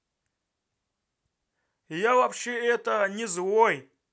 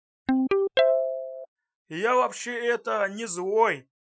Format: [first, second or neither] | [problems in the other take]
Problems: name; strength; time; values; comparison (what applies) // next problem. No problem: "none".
first | noise reduction (classical method Wiener filter)